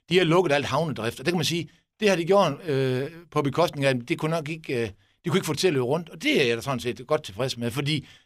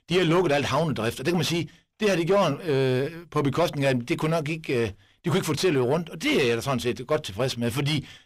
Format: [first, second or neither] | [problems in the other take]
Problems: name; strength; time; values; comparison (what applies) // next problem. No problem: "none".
first | distortion; slight; 10 dB below the speech